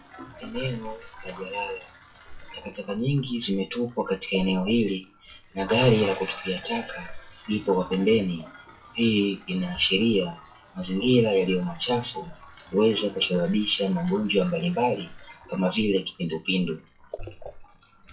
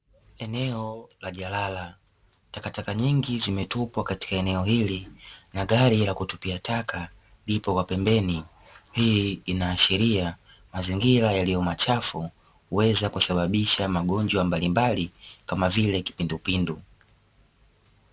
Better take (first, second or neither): second